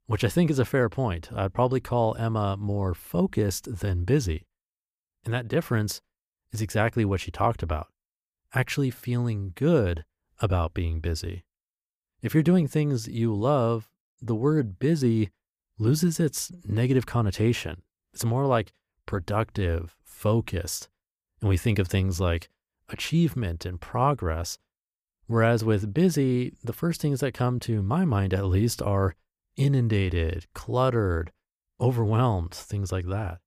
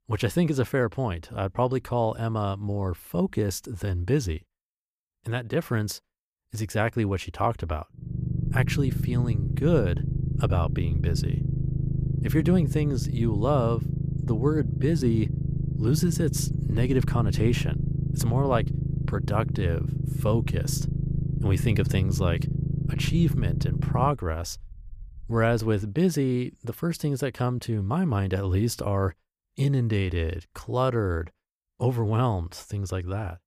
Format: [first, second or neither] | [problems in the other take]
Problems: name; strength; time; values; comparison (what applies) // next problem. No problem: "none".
first | low rumble; loud; from 8 to 26 s; 9 dB below the speech